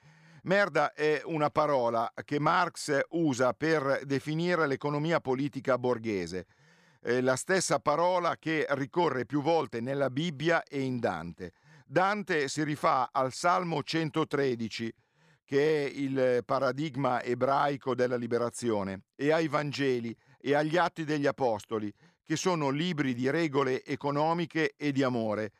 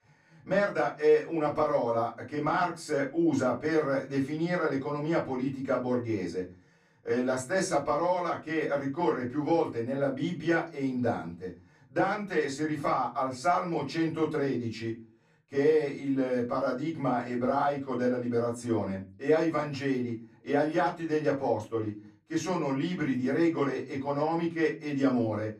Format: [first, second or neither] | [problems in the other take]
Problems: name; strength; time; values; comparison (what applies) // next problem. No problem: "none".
first | off-mic speech; far // room echo; slight; dies away in 0.3 s